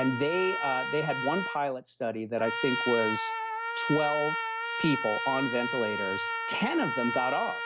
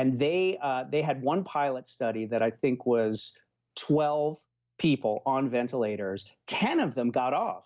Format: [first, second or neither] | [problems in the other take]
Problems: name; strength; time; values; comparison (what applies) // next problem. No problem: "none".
second | background sound (Trumpet); 2 dB below the speech